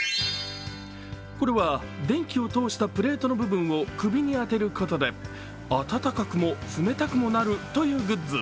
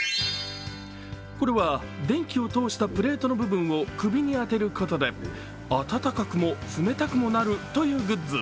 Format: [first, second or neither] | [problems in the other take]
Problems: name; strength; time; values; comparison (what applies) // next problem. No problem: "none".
first | background sound (Whoosh, swoosh, swish); 20 dB below the speech